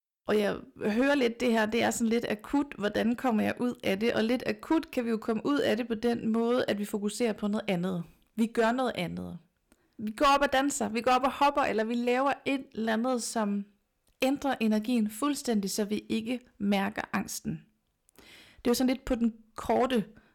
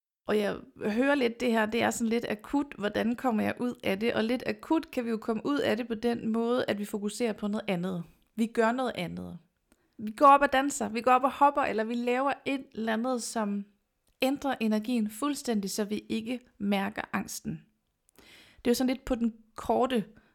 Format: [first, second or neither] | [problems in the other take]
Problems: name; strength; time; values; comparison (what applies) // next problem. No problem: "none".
second | distortion; slight; 3% of the sound clipped